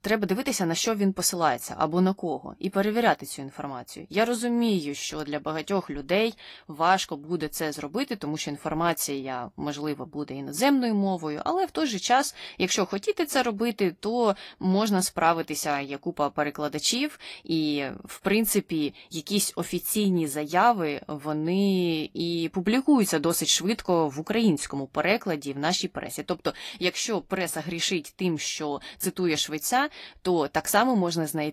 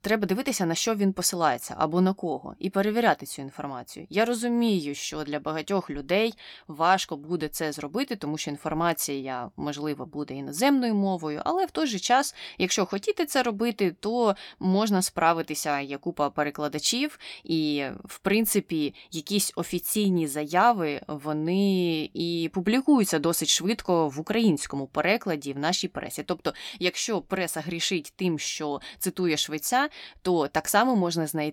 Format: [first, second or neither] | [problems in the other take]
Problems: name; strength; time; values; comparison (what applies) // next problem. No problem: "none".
second | garbled, watery; slightly